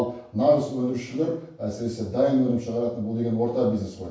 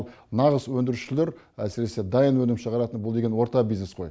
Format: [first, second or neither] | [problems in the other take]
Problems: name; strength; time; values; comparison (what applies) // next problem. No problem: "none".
second | room echo; dies away in 0.7 s